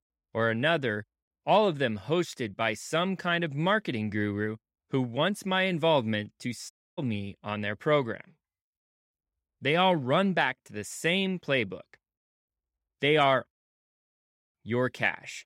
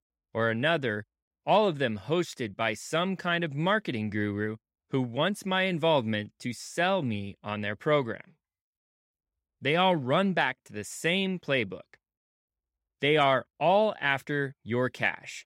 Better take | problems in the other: second | audio cutting out; at 6.5 s and at 14 s for 1 s

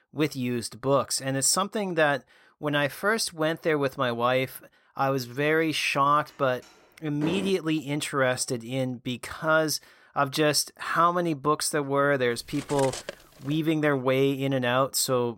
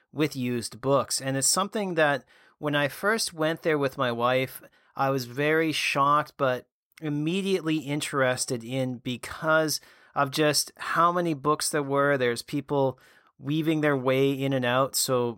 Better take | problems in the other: second | door banging; noticeable; at 7 s; peak 8 dB below the speech // clattering dishes; noticeable; from 12 to 14 s; peak 9 dB below the speech

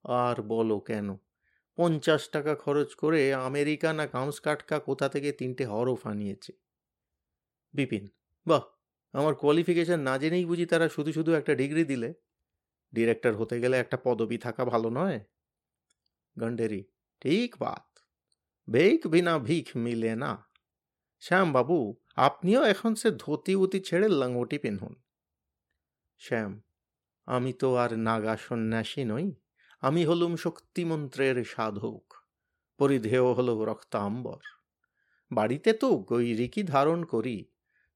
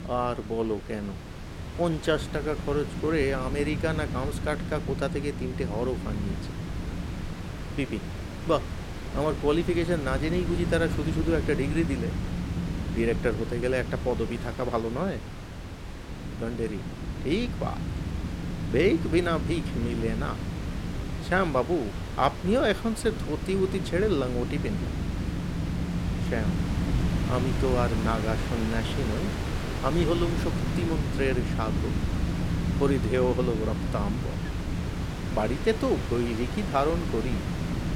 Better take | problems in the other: first | wind noise on the microphone; heavy; 8 dB below the speech

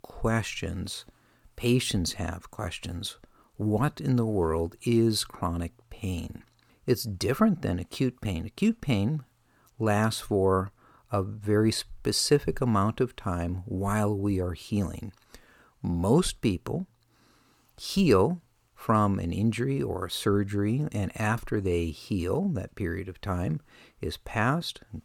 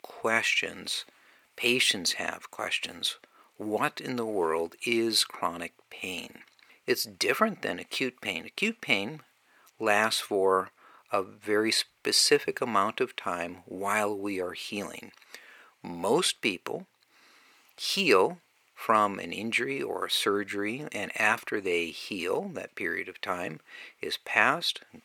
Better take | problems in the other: first | thin; somewhat; fading below 400 Hz

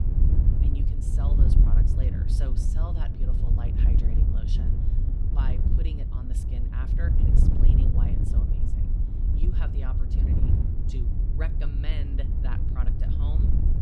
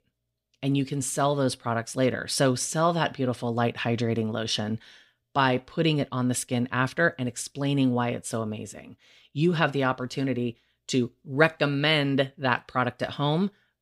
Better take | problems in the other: second | wind noise on the microphone; heavy; 3 dB above the speech

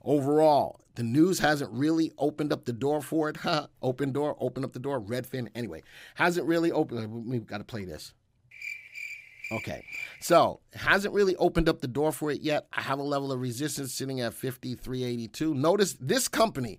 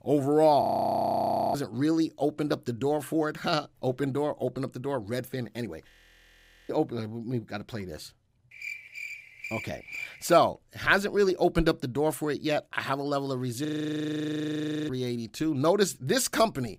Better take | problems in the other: first | audio freezing; at 0.5 s for 1 s, at 6 s for 1 s and at 14 s for 1 s

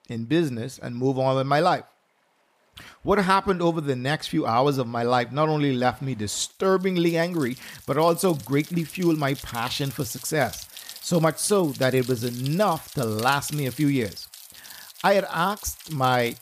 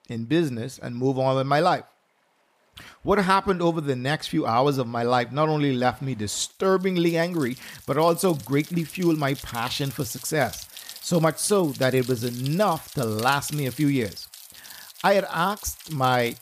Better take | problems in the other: neither | rain or running water; noticeable; throughout; 15 dB below the speech; the same in both

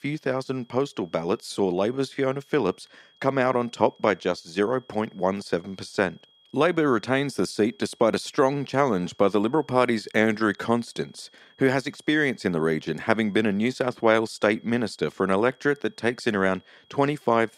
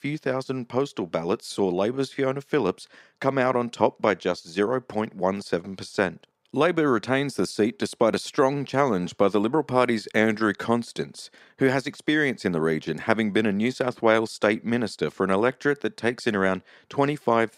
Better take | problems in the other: second | high-pitched whine; faint; throughout; 3.5 kHz, 35 dB below the speech

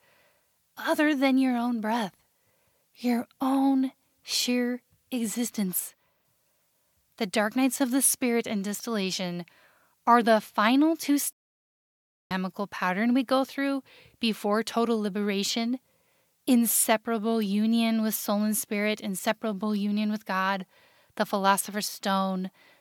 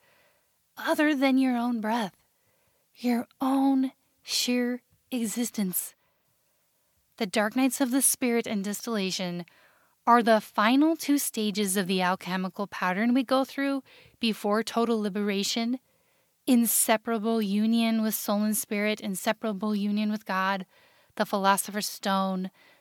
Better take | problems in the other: second | audio cutting out; at 11 s for 1 s

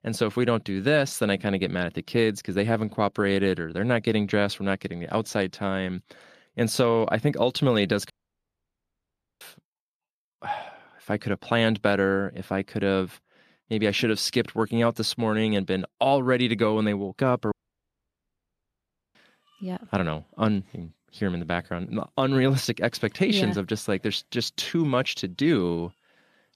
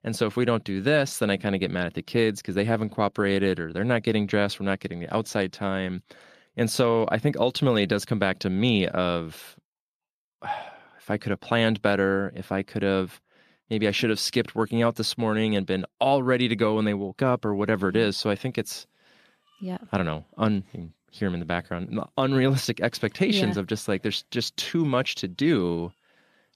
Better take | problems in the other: second | audio cutting out; at 8 s for 1.5 s and at 18 s for 1.5 s

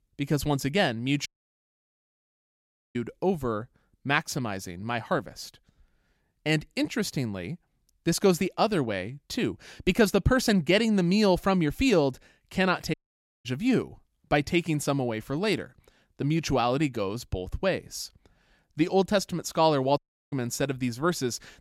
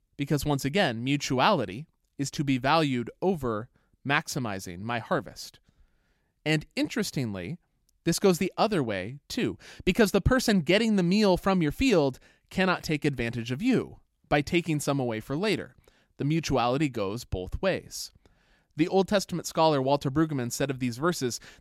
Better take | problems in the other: second | audio cutting out; at 1.5 s for 1.5 s, at 13 s for 0.5 s and at 20 s

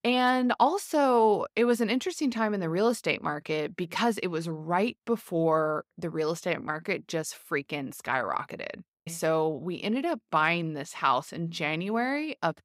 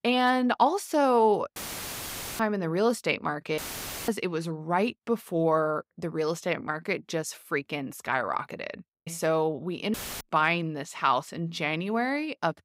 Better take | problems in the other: first | audio cutting out; filled with static; at 1.5 s for 1 s, at 3.5 s for 0.5 s and at 10 s

